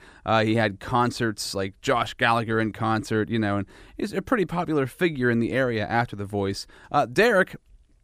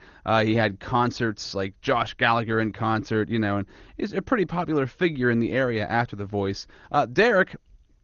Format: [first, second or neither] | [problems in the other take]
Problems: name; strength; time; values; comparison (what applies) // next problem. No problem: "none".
first | garbled, watery; slightly; nothing above 6.5 kHz